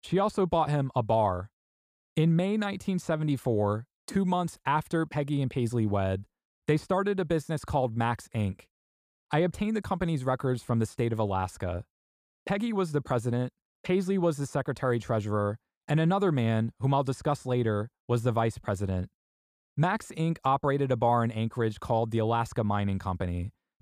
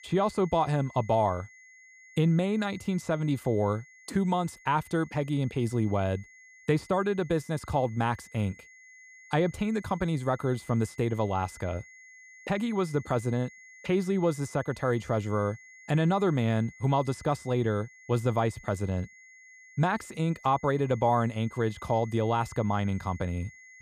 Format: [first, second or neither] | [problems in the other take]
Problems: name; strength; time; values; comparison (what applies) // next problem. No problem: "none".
first | high-pitched whine; faint; throughout; 2 kHz, 20 dB below the speech